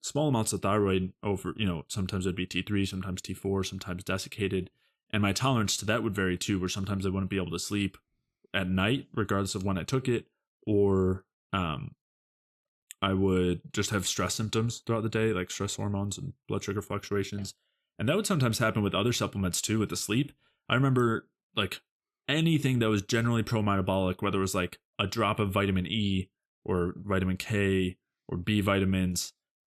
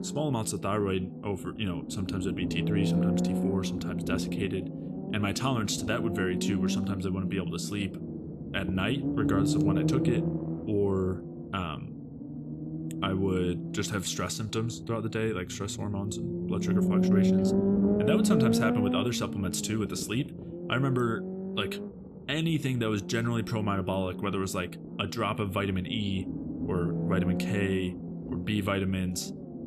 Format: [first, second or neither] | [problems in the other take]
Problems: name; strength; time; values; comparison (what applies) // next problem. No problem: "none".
first | low rumble; loud; throughout; 3 dB below the speech